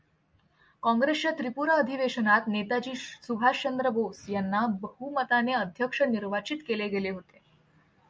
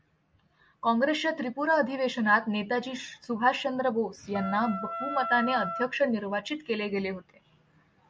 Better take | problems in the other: first | background sound (Wind instrument, woodwind instrument); 6 dB below the speech

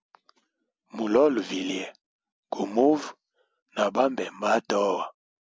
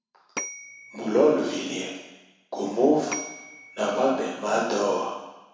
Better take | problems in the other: first | background sound (Bell / Telephone); 15 dB below the speech // room echo; dies away in 1.1 s

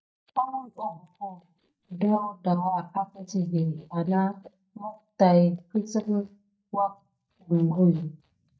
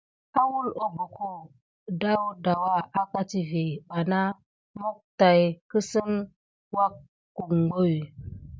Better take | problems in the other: second | noise reduction (neural mask model DeepFilterNet 3)

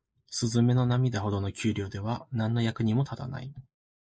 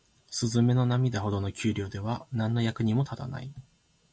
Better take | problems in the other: second | noise reduction (neural mask model Resemble Enhance denoiser)

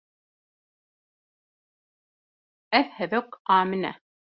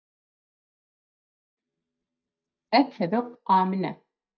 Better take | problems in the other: first | noise reduction (neural mask model DeepFilterNet 3)

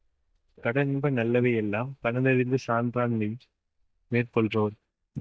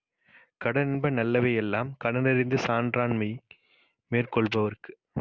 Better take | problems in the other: second | noise reduction (neural mask model DeepFilterNet 3)

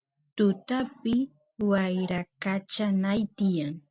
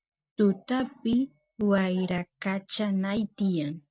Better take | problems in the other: first | noise reduction (neural mask model DeepFilterNet 3)

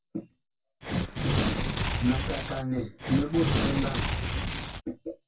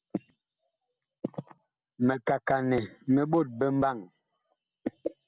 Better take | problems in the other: second | background sound (Tearing); 4 dB above the speech // room echo; dies away in 0.2 s

